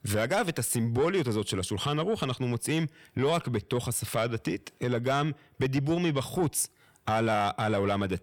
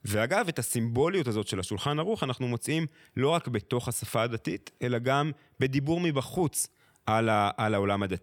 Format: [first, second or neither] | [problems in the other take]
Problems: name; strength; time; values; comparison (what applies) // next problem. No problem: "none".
second | distortion; slight; 10 dB below the speech